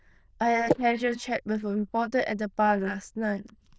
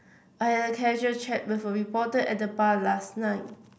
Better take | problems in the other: second | noise reduction (neural diffusion model UNIVERSE++)

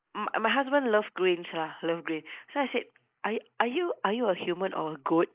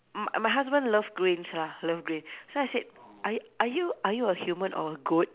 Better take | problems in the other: second | noise reduction (neural mask model Resemble Enhance denoiser)

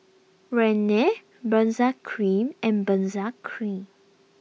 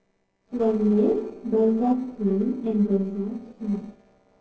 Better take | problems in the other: first | noise reduction (neural separator model SepFormer DNS4)

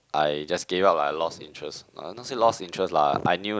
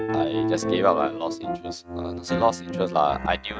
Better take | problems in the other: first | noise reduction (neural mask model RNNoise)

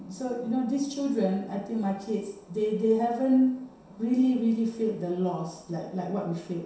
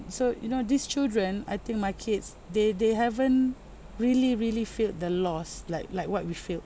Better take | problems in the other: second | room echo; dies away in 0.7 s

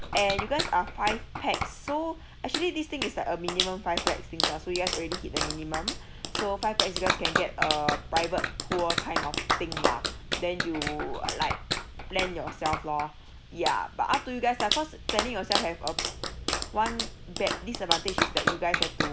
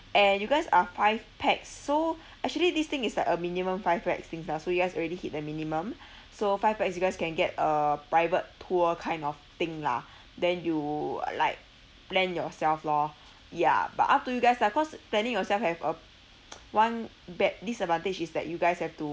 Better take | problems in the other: second | background sound (Clapping); as loud as the speech

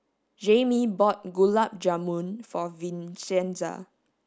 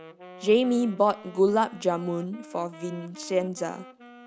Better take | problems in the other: first | background sound (Wind instrument, woodwind instrument); 20 dB below the speech

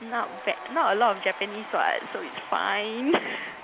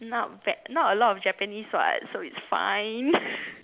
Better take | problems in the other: second | background sound (Applause / Crowd / Cheering); 13 dB below the speech

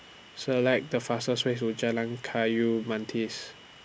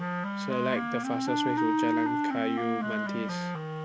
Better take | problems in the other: first | background sound (Wind instrument, woodwind instrument); 4 dB above the speech

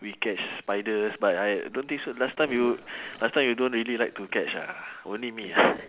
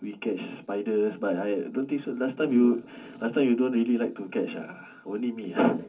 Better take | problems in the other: first | room echo; dies away in 0.3 s

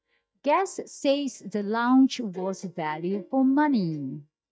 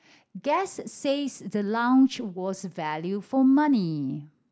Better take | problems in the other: second | noise reduction (neural mask model DeepFilterNet 3)

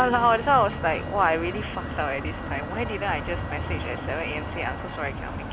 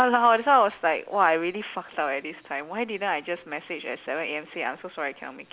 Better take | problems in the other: second | background sound (Motor vehicle (road)); 6 dB below the speech

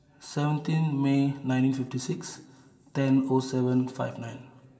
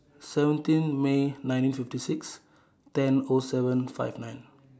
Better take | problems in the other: second | room echo; dies away in 2.1 s

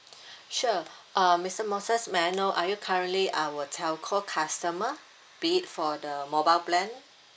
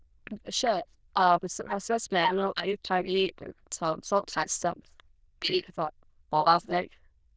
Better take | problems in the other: first | noise reduction (neural diffusion model UNIVERSE++)

